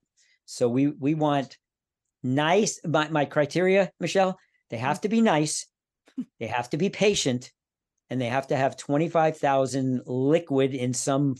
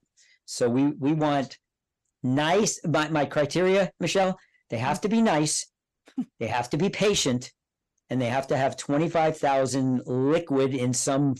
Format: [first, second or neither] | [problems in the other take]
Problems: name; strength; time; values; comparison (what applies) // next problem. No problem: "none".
first | distortion; slight; 10 dB below the speech